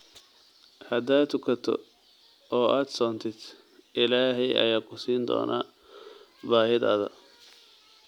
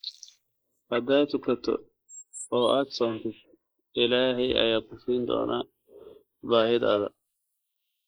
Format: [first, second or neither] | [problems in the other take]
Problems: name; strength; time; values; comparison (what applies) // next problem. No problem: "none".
first | noise reduction (neural mask model Resemble Enhance denoiser)